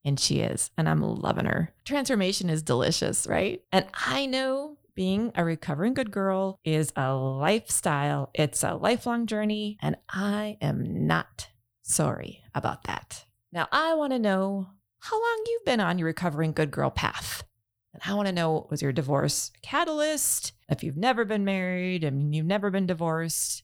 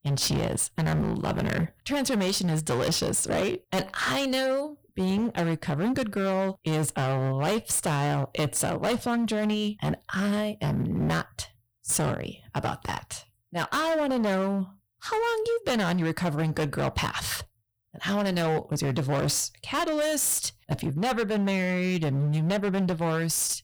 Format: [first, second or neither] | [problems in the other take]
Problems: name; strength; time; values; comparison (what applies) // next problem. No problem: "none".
first | distortion; heavy; 20% of the sound clipped